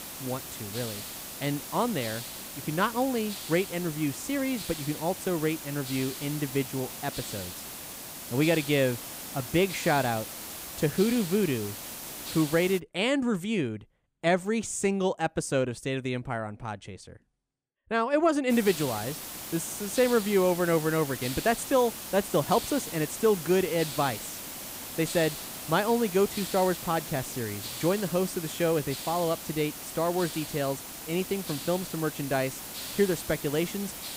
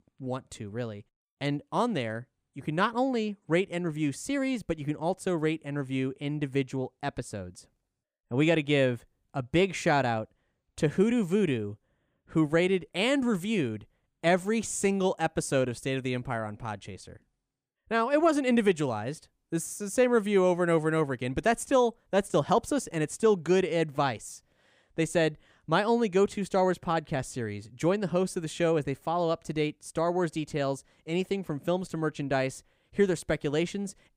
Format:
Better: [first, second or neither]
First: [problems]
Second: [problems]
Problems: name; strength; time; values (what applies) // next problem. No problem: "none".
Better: second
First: hiss; loud; until 13 s and from 19 s on; 8 dB below the speech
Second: none